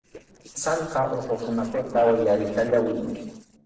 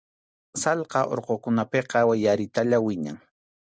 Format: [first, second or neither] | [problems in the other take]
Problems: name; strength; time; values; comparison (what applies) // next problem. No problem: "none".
second | noise reduction (neural separator model SepFormer DNS4)